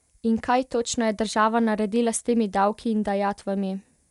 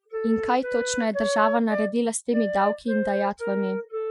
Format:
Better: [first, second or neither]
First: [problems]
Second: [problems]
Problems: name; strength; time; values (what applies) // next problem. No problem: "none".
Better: first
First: none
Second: noise reduction (classical method Wiener filter)